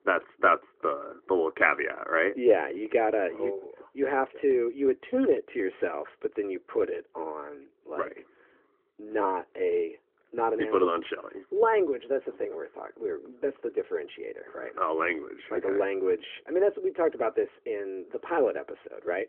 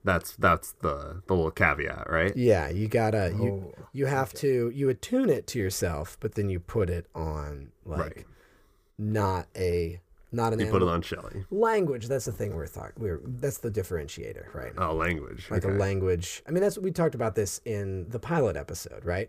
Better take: second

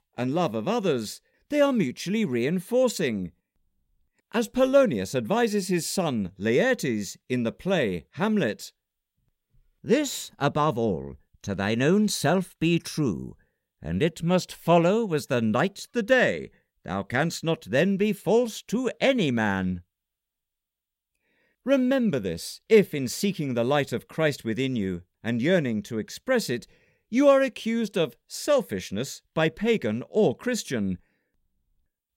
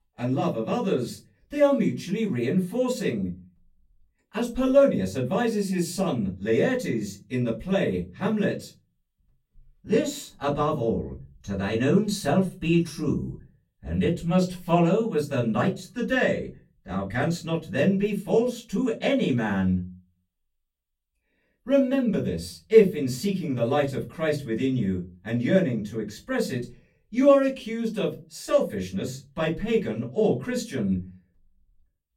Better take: first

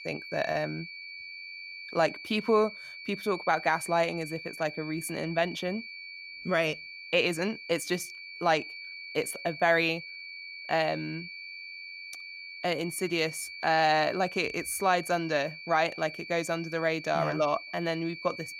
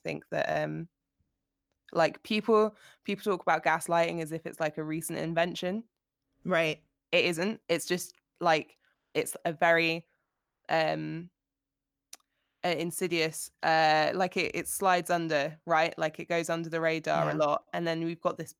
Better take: second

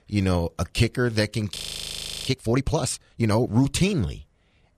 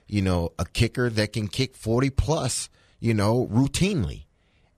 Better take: second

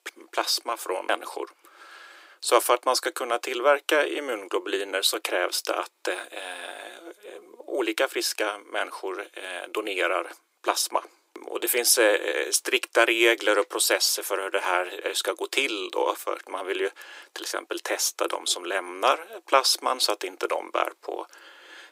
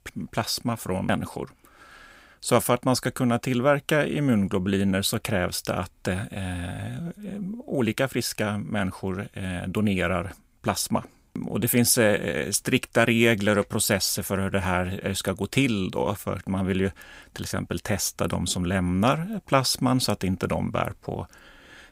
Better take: second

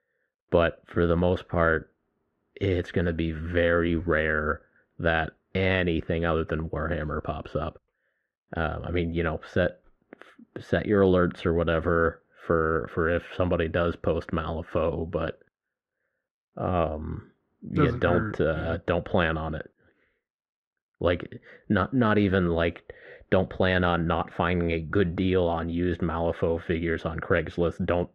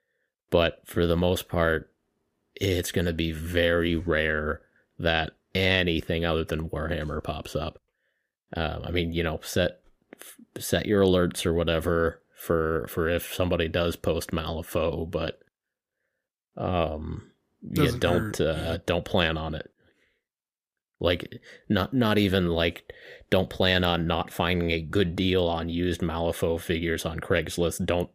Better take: second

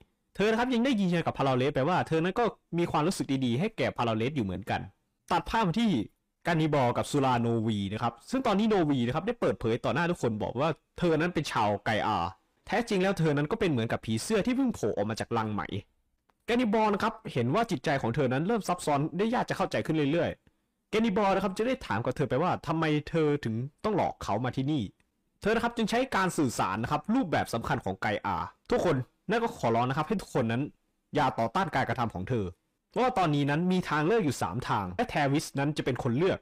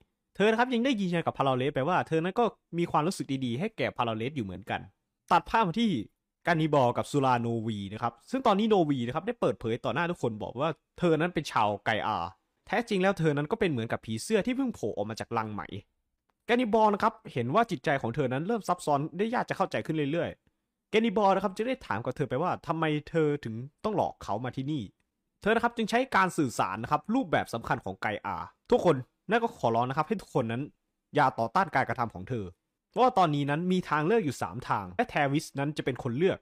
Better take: second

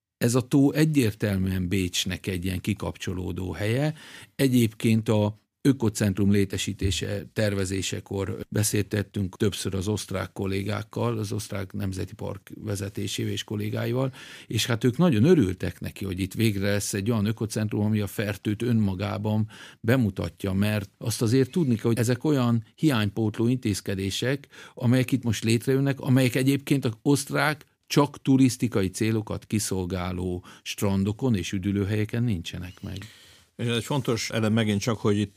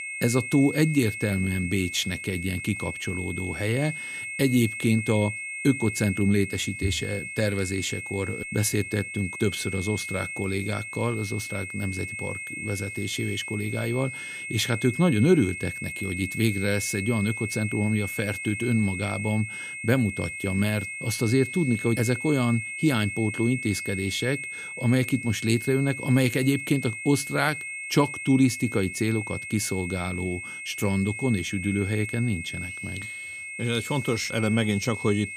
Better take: first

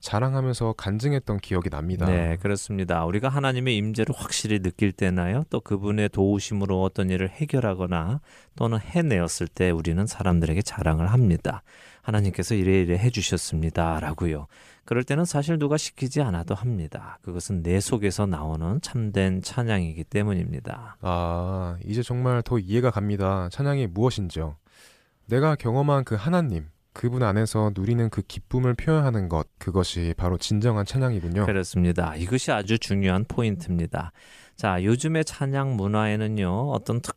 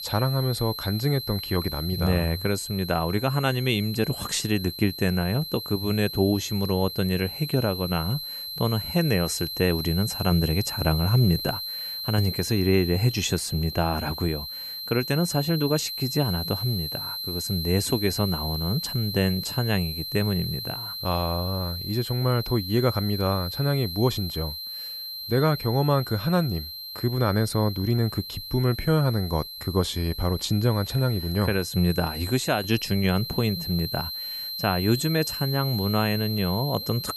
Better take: first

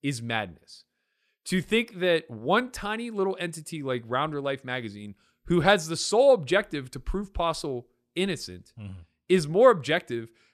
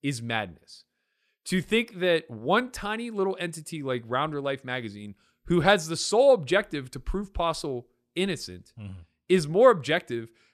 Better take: neither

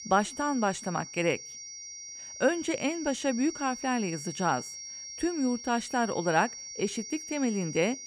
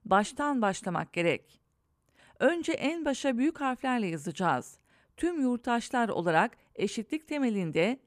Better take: second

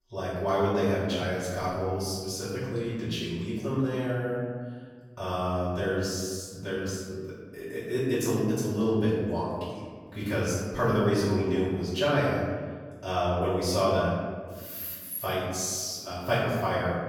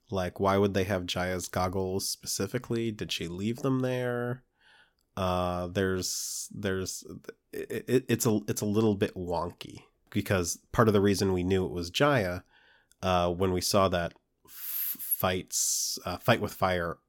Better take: second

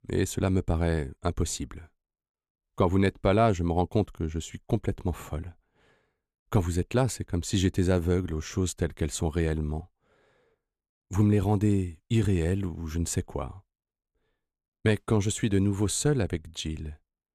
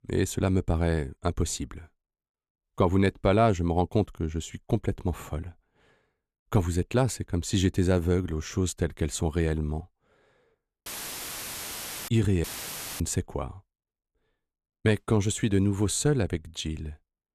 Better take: first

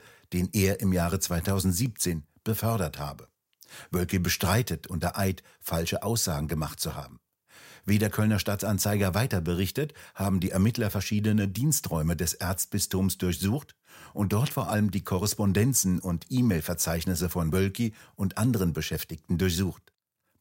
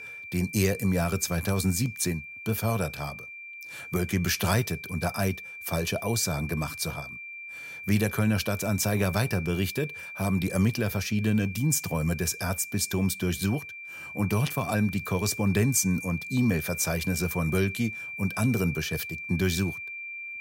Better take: first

